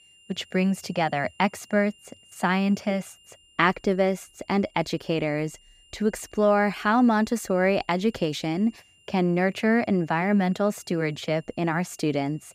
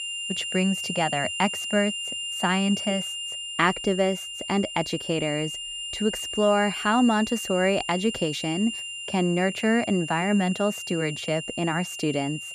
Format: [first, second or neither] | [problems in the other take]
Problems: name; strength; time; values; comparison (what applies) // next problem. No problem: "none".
first | high-pitched whine; loud; throughout; 3 kHz, 6 dB below the speech; faint in the first